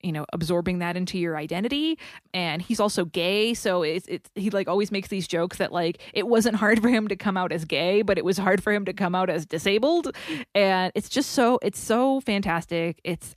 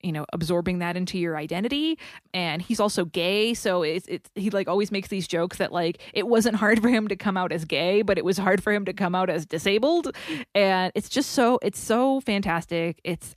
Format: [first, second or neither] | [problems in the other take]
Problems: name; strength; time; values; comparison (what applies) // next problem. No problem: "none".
neither | none